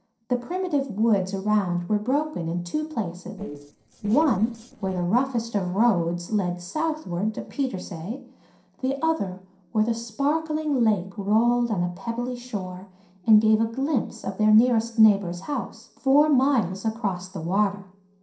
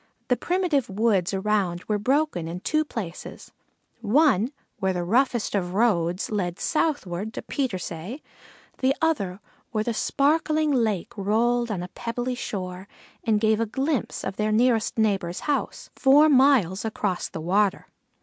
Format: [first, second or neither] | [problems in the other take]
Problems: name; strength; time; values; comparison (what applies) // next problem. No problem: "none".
second | noise reduction (neural separator model SepFormer DNS4)